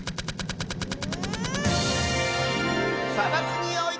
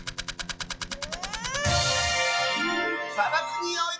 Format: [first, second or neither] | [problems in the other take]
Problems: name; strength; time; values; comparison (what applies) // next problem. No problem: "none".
first | noise reduction (classical method log-MMSE)